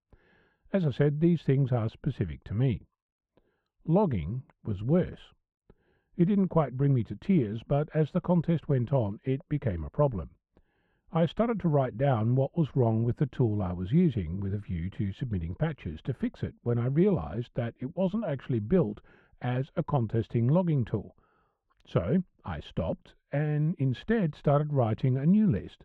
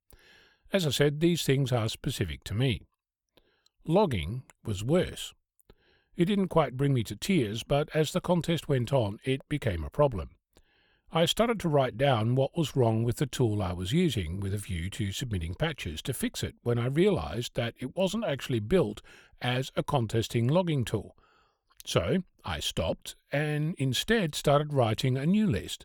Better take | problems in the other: second | muffled; very; fading above 1.5 kHz

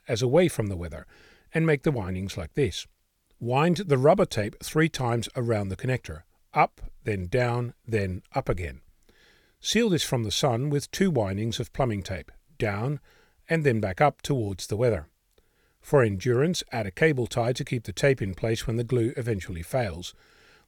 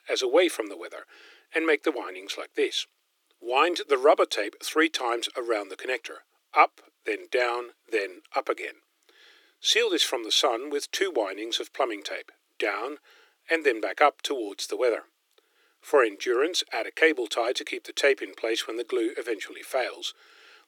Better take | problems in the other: first | thin; very; fading below 300 Hz

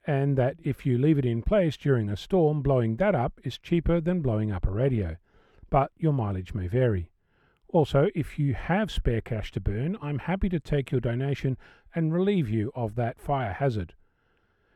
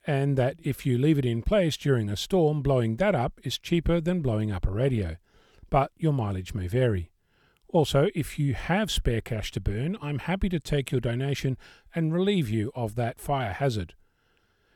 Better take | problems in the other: second | muffled; slightly; fading above 3 kHz

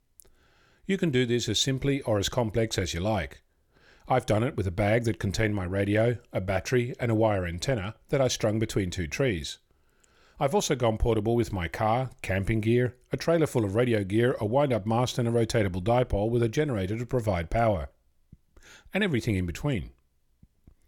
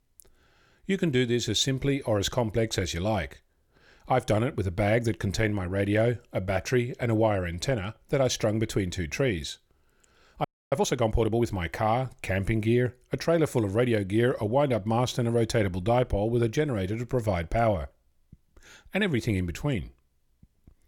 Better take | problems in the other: first | audio freezing; at 10 s

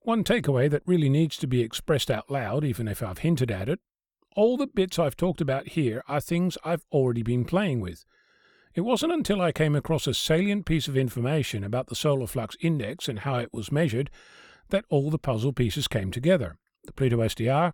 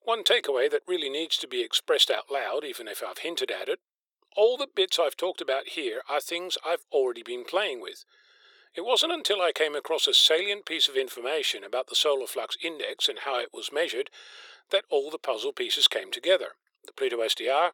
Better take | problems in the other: first | thin; very; fading below 400 Hz

